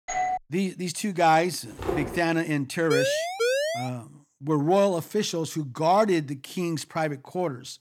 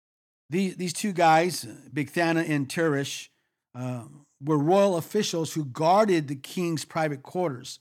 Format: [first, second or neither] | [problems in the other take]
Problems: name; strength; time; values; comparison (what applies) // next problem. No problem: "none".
second | doorbell; noticeable; at the start; peak 2 dB below the speech // footsteps; noticeable; at 2 s; peak 5 dB below the speech // siren; loud; at 3 s; peak 1 dB above the speech